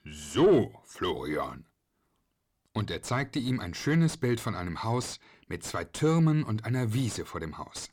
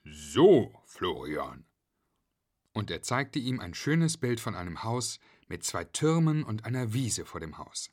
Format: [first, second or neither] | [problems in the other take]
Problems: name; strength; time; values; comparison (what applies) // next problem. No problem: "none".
second | distortion; slight; 10 dB below the speech